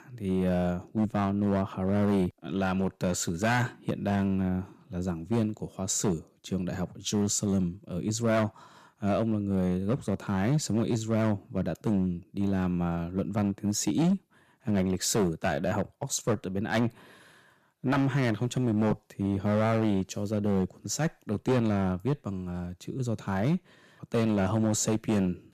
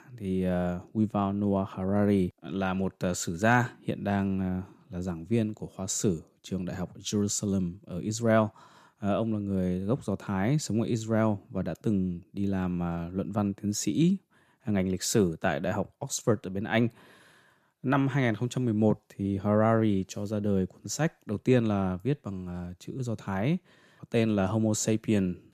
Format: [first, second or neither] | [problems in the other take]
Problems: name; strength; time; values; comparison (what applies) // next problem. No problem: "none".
second | distortion; slight; 6% of the sound clipped